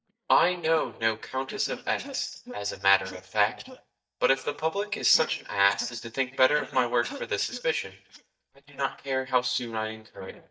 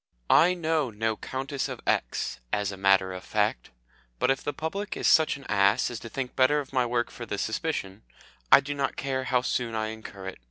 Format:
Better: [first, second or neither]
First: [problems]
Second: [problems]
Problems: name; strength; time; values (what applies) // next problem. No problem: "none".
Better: second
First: noise reduction (neural mask model DeepFilterNet 3)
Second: none